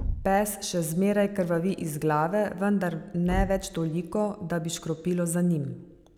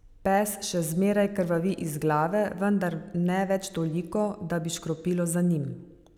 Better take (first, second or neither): second